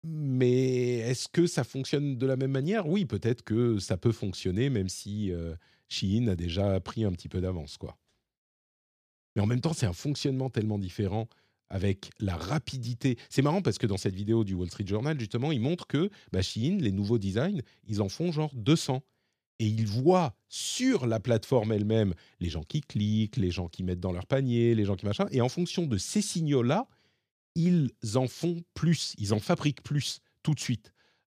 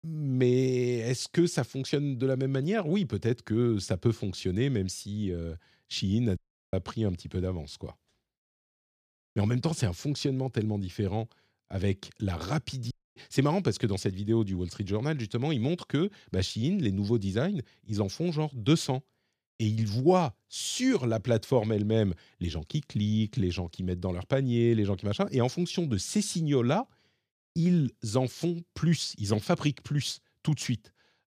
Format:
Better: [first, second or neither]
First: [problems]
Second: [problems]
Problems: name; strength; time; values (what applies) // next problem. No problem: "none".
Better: first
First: none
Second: audio cutting out; at 6.5 s and at 13 s